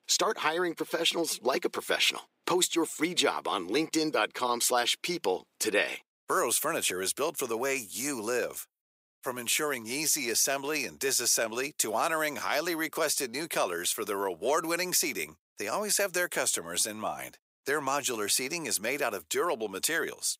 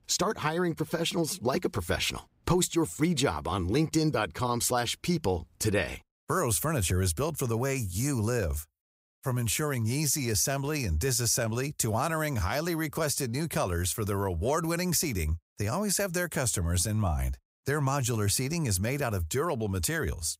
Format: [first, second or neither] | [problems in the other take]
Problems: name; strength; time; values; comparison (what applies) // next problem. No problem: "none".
second | thin; somewhat; fading below 300 Hz